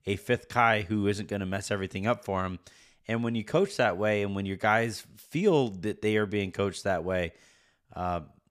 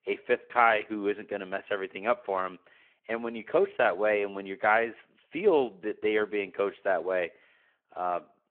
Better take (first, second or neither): first